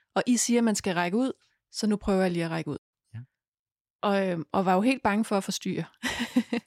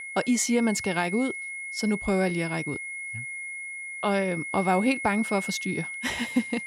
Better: first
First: none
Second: high-pitched whine; loud; throughout; 2 kHz, 6 dB below the speech

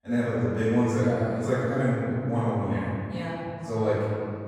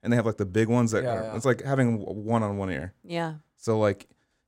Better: second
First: off-mic speech; far // room echo; strong; dies away in 2.5 s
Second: none

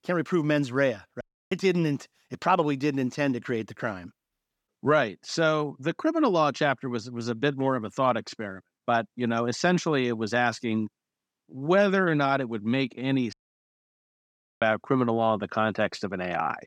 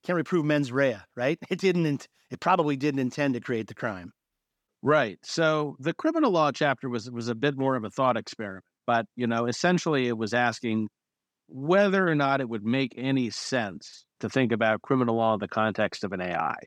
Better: second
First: audio cutting out; at 1 s and at 13 s for 1.5 s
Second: none

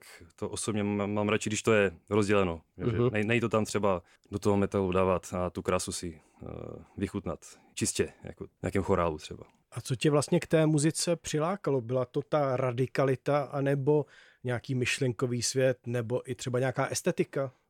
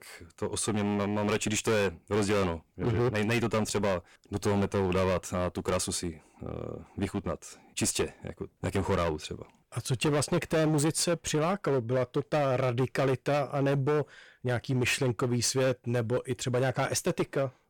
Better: first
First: none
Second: distortion; heavy; 14% of the sound clipped

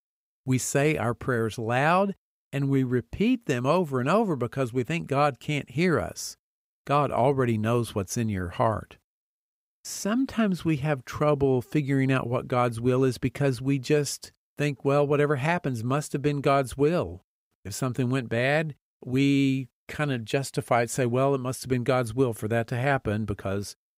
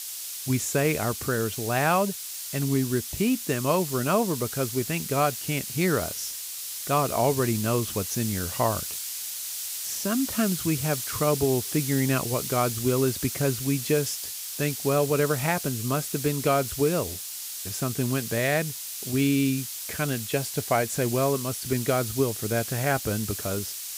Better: first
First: none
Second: hiss; loud; throughout; 5 dB below the speech

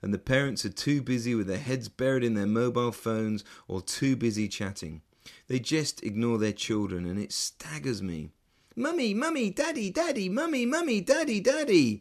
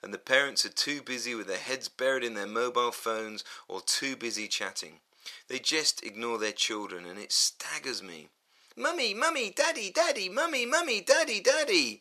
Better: first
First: none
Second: thin; very; fading below 700 Hz

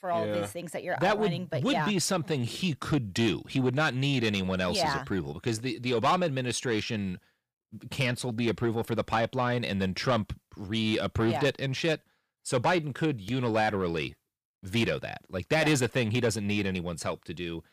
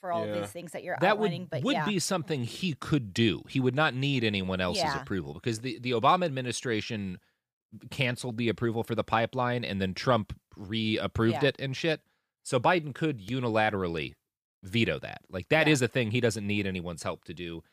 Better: second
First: distortion; slight; 10 dB below the speech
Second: none

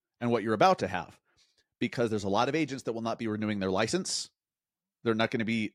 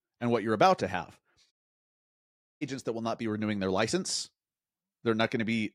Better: first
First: none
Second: audio cutting out; at 1.5 s for 1 s

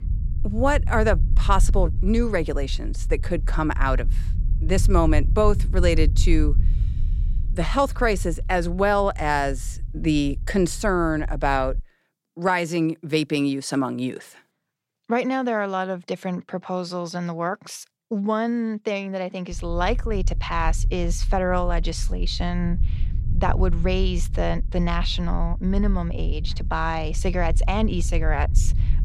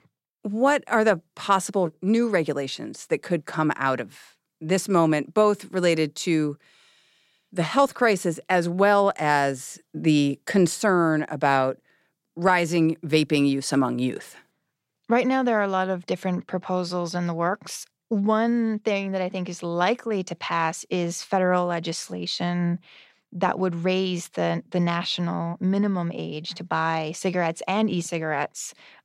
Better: second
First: low rumble; faint; until 12 s and from 20 s on; 20 dB below the speech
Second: none

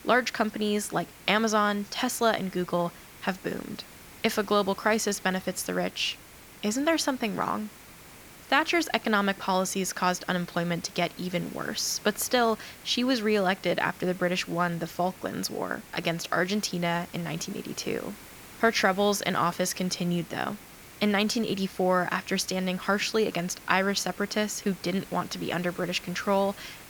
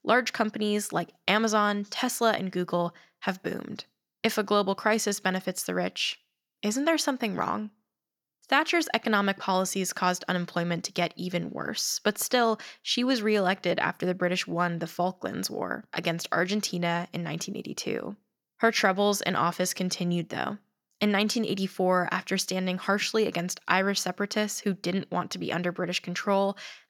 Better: second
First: hiss; noticeable; throughout; 20 dB below the speech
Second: none

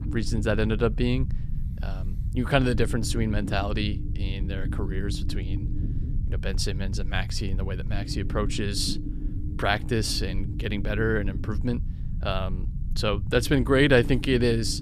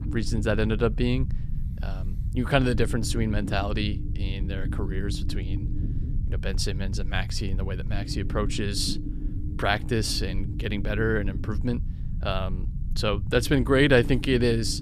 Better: neither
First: low rumble; noticeable; throughout; 15 dB below the speech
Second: low rumble; noticeable; throughout; 15 dB below the speech

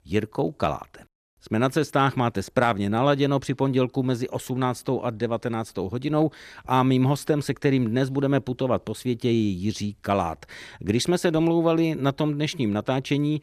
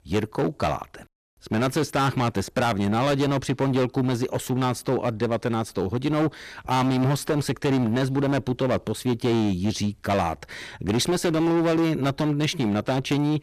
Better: first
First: none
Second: distortion; heavy; 17% of the sound clipped

